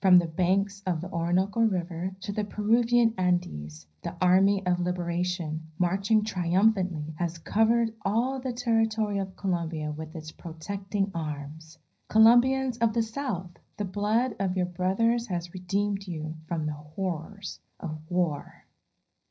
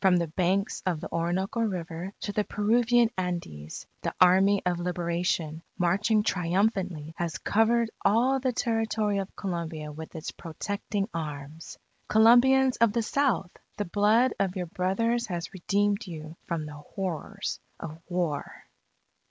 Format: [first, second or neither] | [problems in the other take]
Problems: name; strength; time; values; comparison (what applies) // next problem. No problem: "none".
second | room echo; dies away in 0.5 s